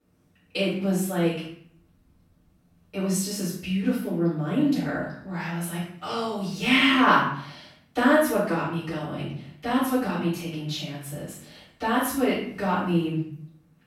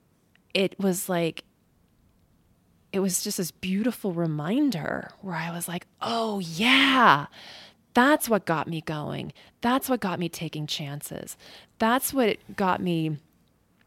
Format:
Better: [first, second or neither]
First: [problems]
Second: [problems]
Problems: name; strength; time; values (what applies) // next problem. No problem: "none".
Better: second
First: off-mic speech; far // room echo; noticeable; dies away in 0.6 s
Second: none